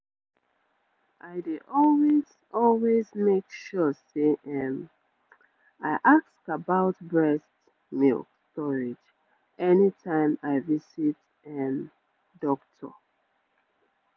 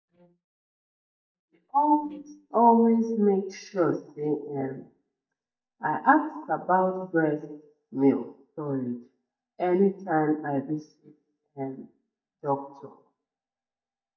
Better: first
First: none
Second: noise reduction (neural mask model DeepFilterNet 3)

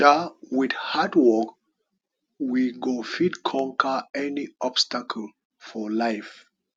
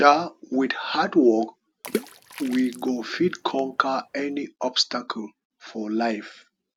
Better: first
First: none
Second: background sound (Water / Splash, splatter); 13 dB below the speech

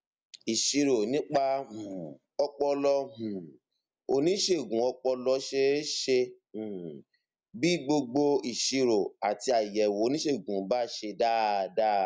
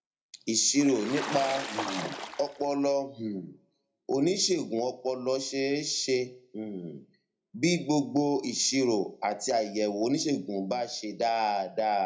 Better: first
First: none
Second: background sound (Water / Splash, splatter); 8 dB below the speech // room echo; dies away in 0.2 s

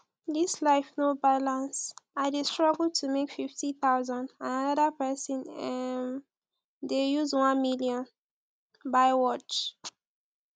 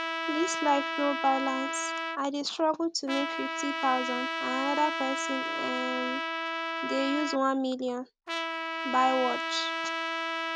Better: first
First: none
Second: background sound (Trumpet); 2 dB below the speech

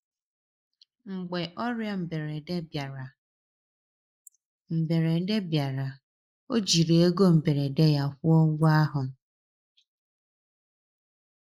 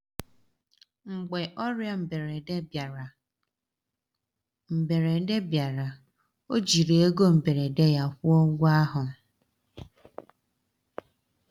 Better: second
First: noise reduction (neural mask model Resemble Enhance denoiser)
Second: none

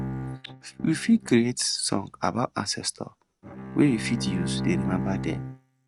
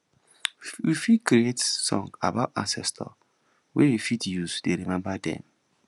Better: second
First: noise reduction (neural mask model RNNoise)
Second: none

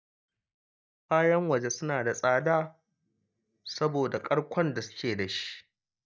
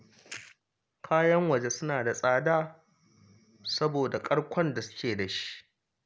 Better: second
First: noise reduction (neural mask model DeepFilterNet 3)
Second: none

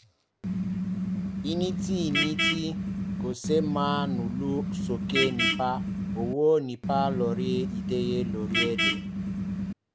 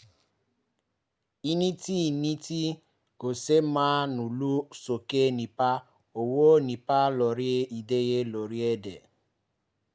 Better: second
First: background sound (Vehicle horn, car horn, honking); 1 dB above the speech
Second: none

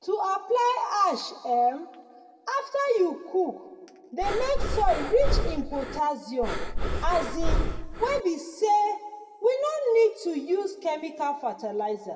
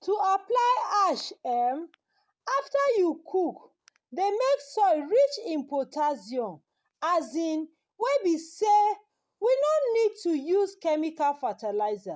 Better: second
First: background sound (Breathing); 1 dB above the speech // room echo; dies away in 1.1 s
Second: none

